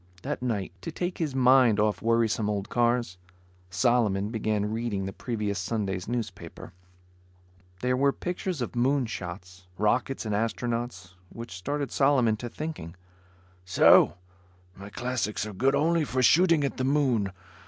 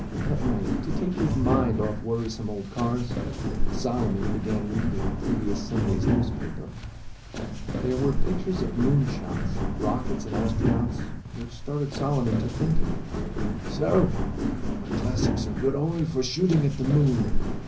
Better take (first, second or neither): first